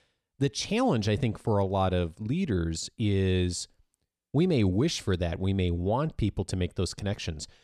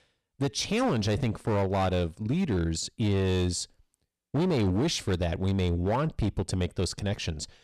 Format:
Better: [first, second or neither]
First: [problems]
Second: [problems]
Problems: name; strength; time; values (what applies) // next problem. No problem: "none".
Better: first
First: none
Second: distortion; slight; 13% of the sound clipped